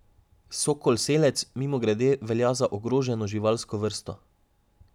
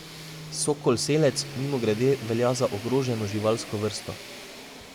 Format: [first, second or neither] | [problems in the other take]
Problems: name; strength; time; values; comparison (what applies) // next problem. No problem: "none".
first | background sound (Fixed-wing aircraft, airplane + Tools); 13 dB below the speech